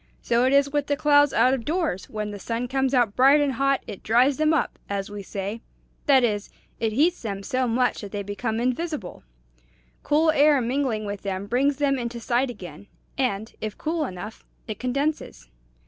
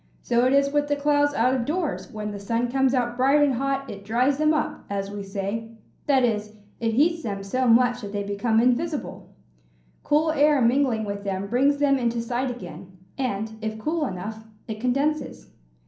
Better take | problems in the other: first | room echo; dies away in 0.6 s

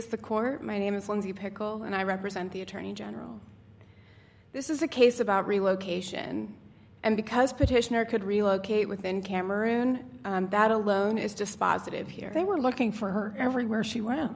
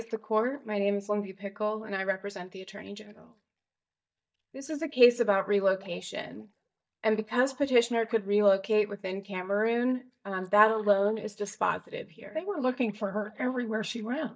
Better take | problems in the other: first | noise reduction (neural mask model DeepFilterNet 3)

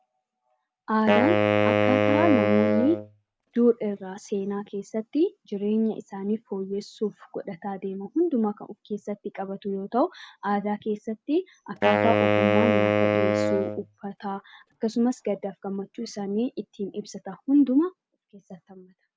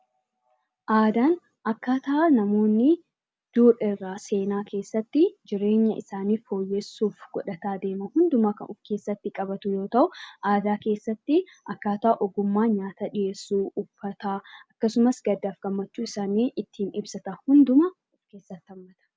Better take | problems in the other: second | background sound (Wind instrument, woodwind instrument); 3 dB above the speech

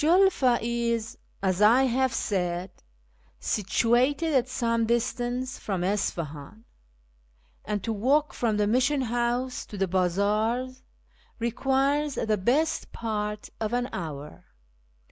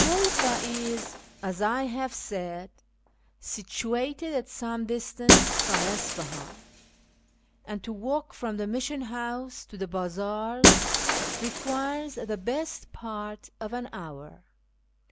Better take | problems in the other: first | background sound (Shatter); 2 dB above the speech

